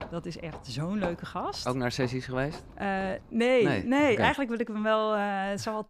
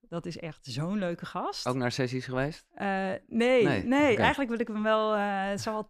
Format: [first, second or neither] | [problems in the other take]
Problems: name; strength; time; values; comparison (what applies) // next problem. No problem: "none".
second | footsteps; faint; until 3 s; peak 10 dB below the speech